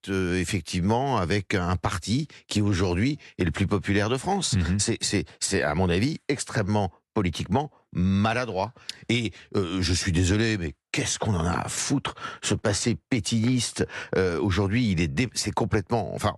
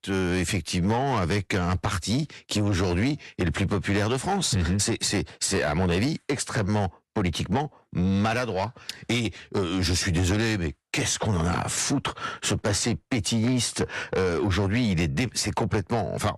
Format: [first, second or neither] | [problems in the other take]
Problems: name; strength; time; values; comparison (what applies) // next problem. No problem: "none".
first | distortion; slight; 10 dB below the speech